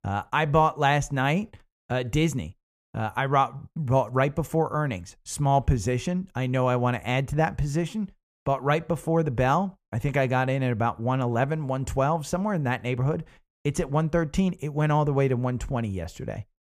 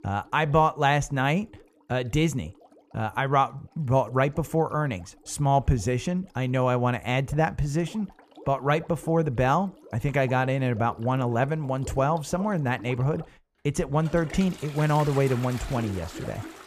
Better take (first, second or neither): first